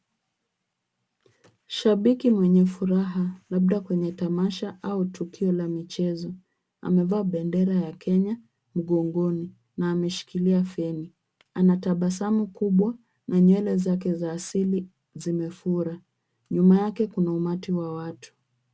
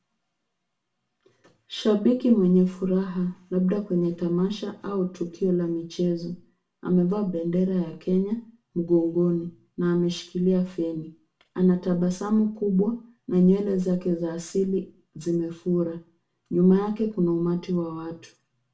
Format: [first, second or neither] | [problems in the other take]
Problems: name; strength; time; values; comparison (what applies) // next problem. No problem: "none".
first | room echo; dies away in 0.3 s